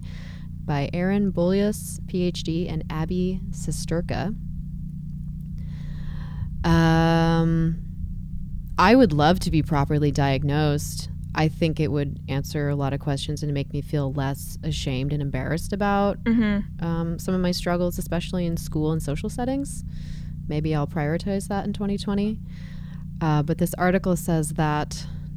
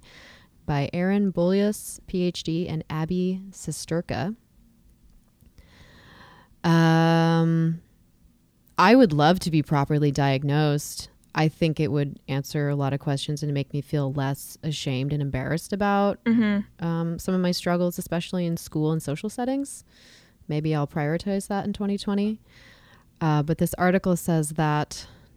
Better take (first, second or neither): second